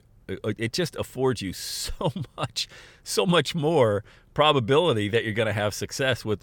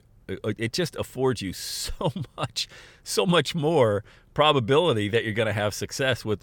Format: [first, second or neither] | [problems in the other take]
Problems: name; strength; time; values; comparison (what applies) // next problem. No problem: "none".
neither | none